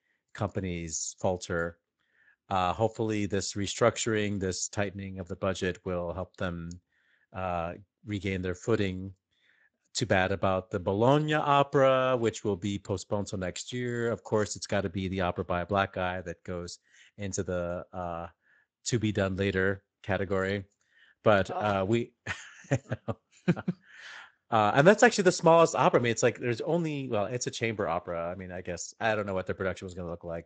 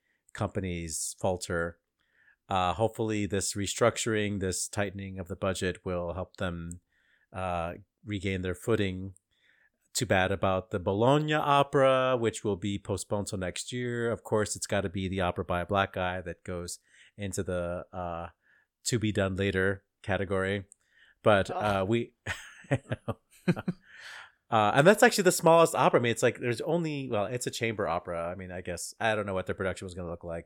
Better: second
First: garbled, watery; slightly; nothing above 7.5 kHz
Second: none

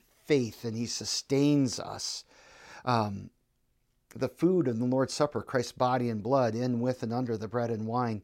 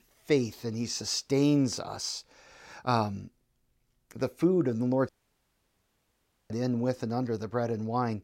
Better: first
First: none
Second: audio cutting out; at 5 s for 1.5 s

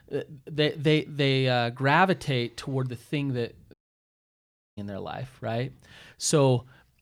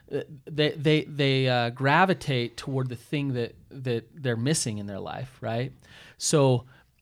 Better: second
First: audio cutting out; at 3.5 s for 1 s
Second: none

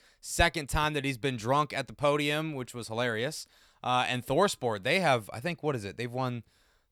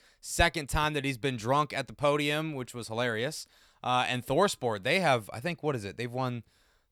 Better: neither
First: none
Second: none

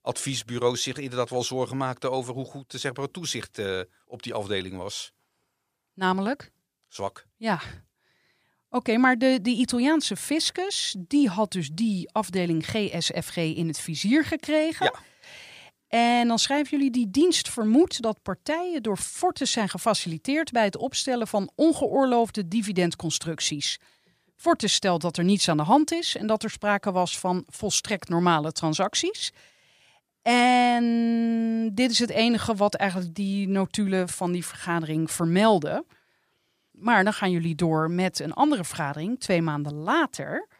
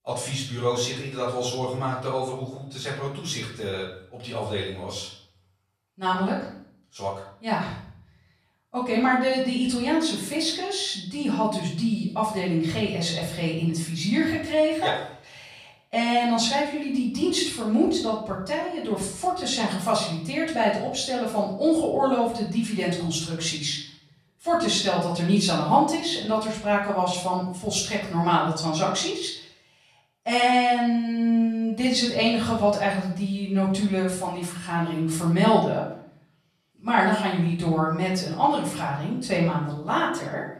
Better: first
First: none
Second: room echo; noticeable; dies away in 0.6 s // off-mic speech; far

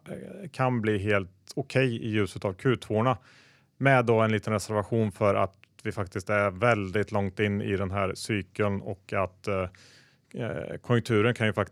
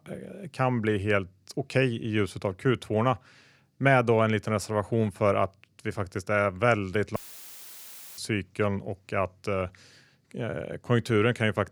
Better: first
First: none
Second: audio cutting out; filled with static; at 7 s for 1 s

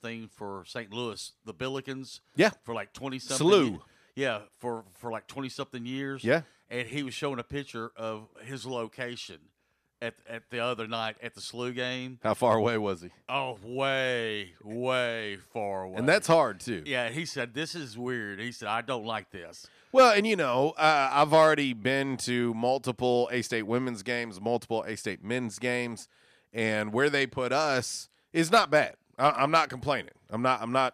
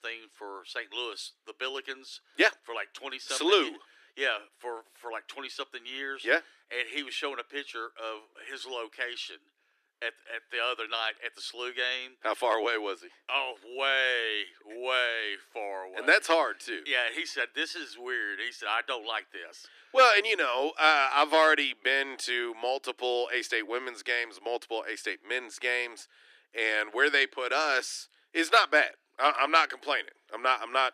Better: first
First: none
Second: thin; very; fading below 300 Hz

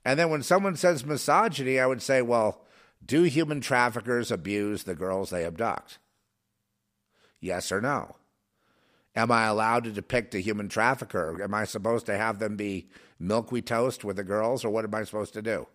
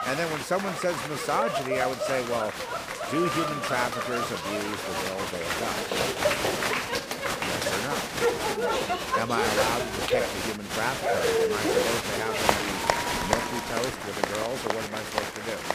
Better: first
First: none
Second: crowd noise; very loud; throughout; 4 dB above the speech

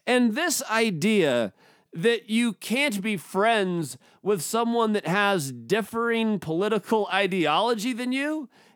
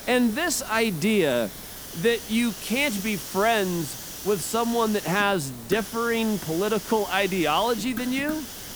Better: first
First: none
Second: hiss; noticeable; throughout; 10 dB below the speech

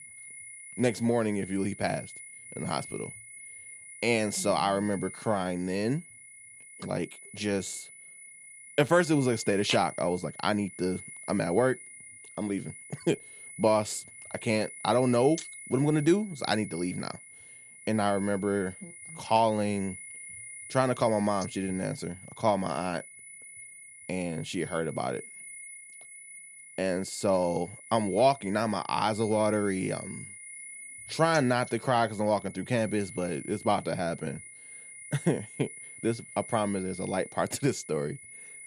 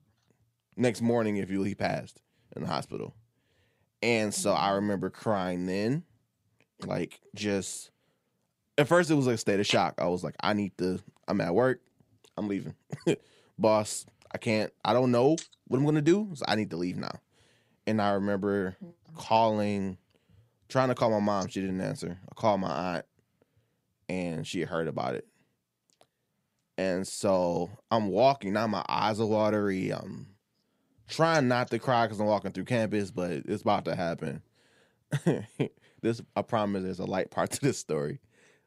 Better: second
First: high-pitched whine; noticeable; throughout; 2 kHz, 15 dB below the speech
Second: none

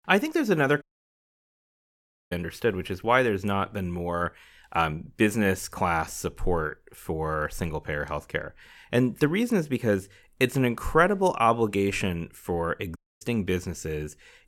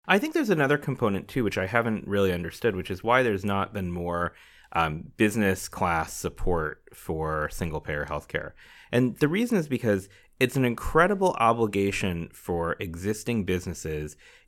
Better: second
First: audio cutting out; at 1 s for 1.5 s and at 13 s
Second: none

